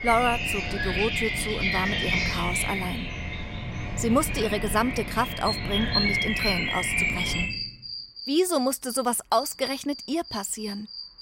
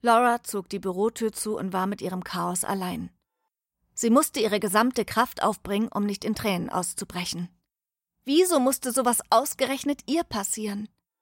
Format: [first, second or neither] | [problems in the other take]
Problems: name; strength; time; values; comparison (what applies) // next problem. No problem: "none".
second | animal sounds; very loud; throughout; as loud as the speech